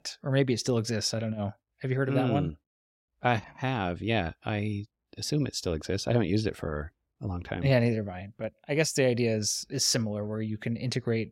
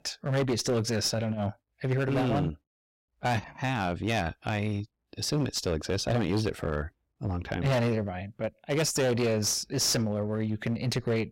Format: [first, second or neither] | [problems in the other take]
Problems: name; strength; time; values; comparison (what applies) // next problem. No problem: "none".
first | distortion; heavy; 14% of the sound clipped